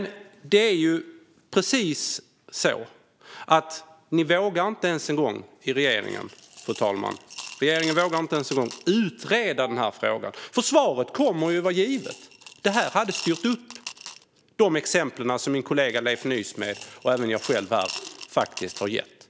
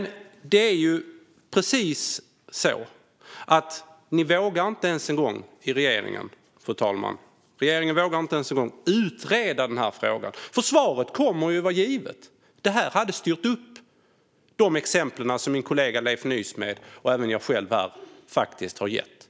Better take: second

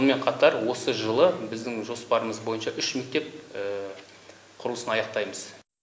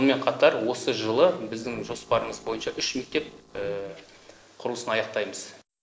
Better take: first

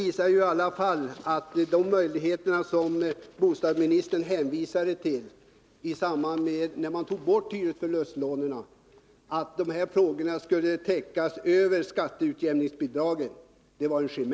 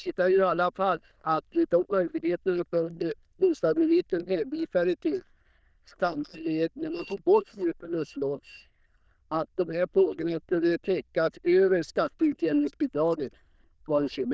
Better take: first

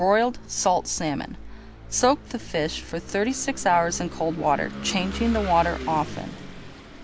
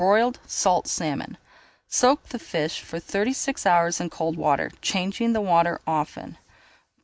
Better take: second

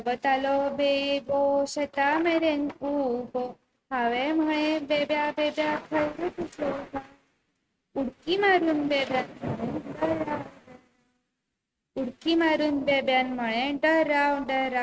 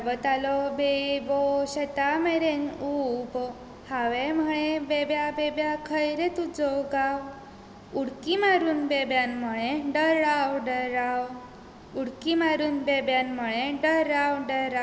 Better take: second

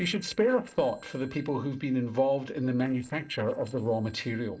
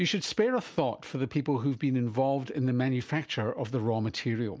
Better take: second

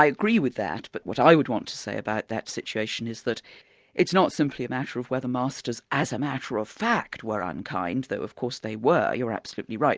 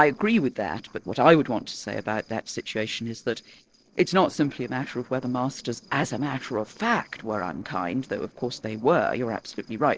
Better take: first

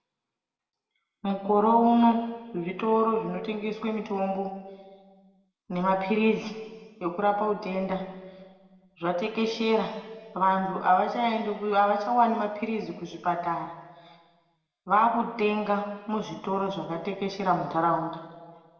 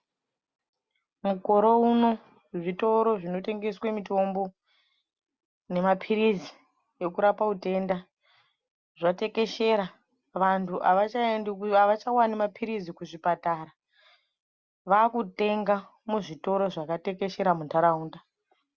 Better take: second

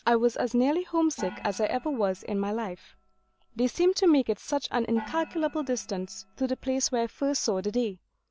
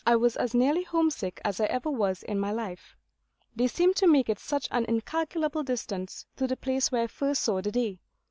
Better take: second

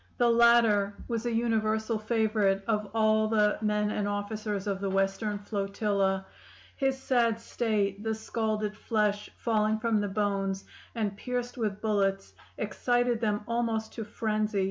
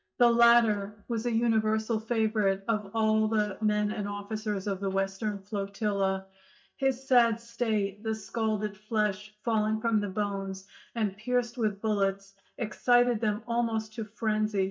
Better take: first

